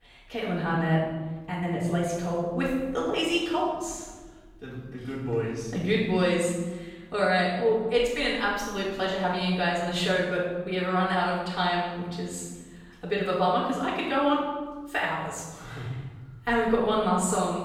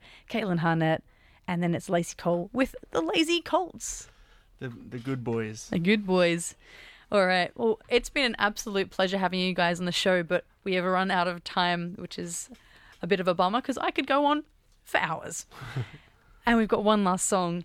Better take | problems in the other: second | off-mic speech; far // room echo; noticeable; dies away in 1.2 s

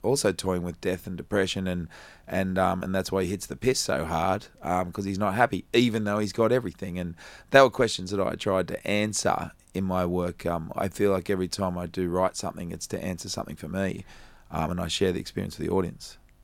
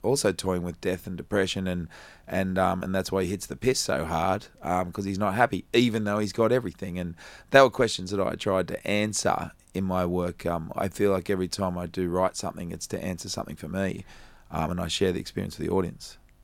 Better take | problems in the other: neither | none

